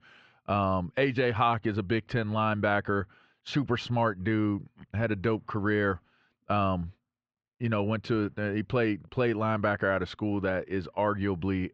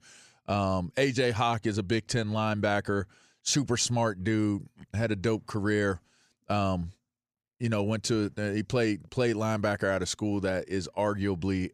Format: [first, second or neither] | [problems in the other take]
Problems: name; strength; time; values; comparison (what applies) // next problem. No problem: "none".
second | muffled; very; fading above 3 kHz